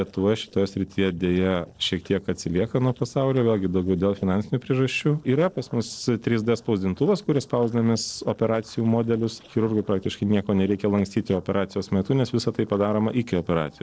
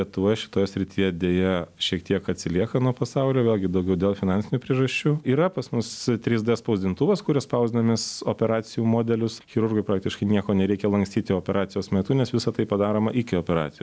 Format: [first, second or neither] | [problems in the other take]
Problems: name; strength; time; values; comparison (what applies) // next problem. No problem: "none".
second | noise reduction (neural separator model SepFormer DNS4)